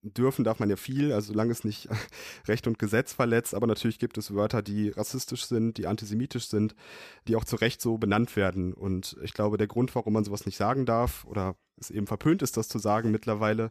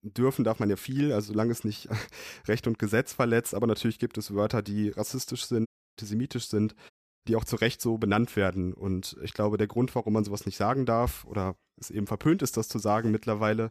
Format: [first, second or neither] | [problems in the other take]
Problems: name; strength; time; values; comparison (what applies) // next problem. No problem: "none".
first | audio cutting out; at 5.5 s and at 7 s